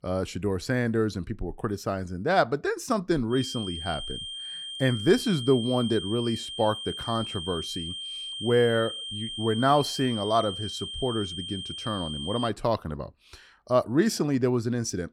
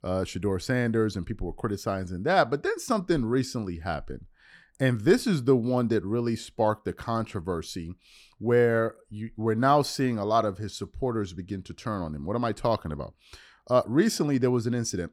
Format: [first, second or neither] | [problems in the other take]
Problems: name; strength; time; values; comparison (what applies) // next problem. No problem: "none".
second | high-pitched whine; loud; from 3.5 to 12 s; 3 kHz, 7 dB below the speech